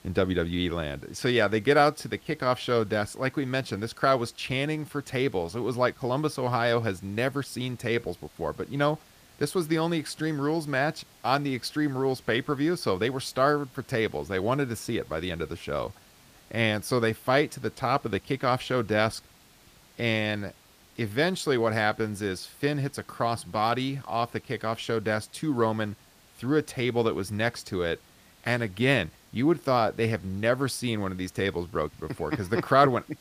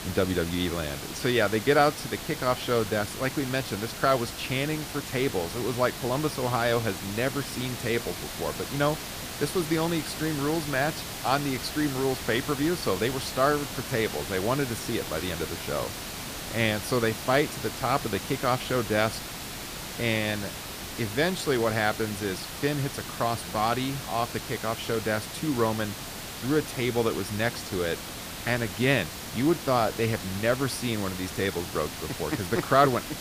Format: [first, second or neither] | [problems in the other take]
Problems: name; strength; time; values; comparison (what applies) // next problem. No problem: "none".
first | hiss; loud; throughout; 7 dB below the speech; faint in the first